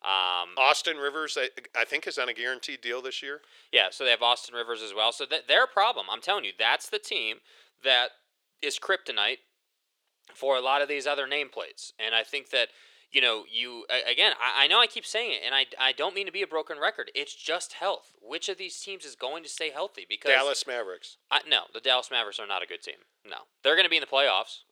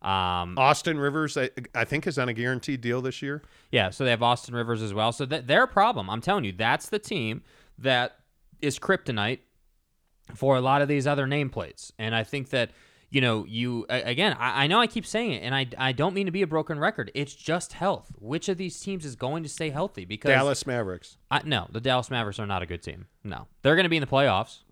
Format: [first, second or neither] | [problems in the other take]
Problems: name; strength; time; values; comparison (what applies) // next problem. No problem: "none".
second | thin; very; fading below 450 Hz